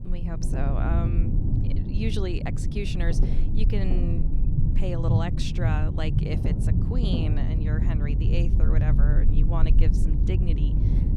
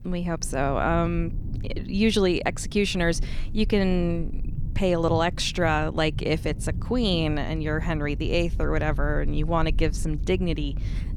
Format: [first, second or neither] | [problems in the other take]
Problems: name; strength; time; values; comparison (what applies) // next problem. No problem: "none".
second | low rumble; loud; throughout; 2 dB below the speech; faint in the second